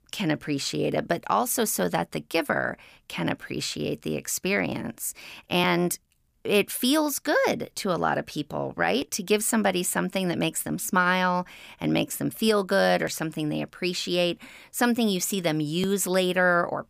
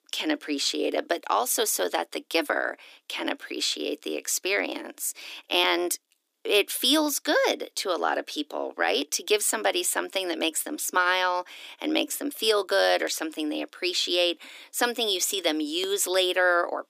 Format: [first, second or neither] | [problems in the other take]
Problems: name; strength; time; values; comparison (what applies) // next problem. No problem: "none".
first | thin; somewhat; fading below 300 Hz